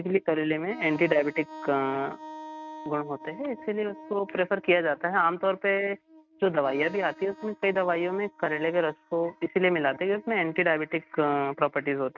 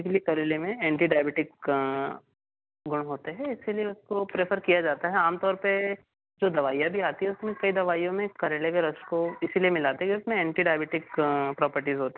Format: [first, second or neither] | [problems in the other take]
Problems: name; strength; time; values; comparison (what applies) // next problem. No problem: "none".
second | noise reduction (neural mask model RNNoise)